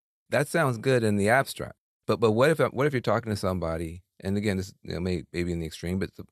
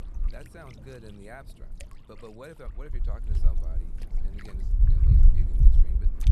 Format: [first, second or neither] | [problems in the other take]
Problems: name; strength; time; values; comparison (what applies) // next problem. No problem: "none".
first | wind noise on the microphone; heavy; 2 dB above the speech